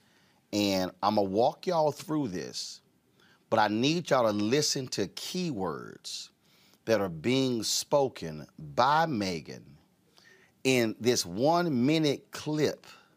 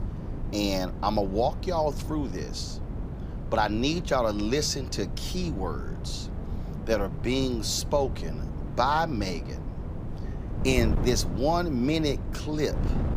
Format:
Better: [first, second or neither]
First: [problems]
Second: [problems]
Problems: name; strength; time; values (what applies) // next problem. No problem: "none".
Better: first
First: none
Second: wind noise on the microphone; occasional gusts; 15 dB below the speech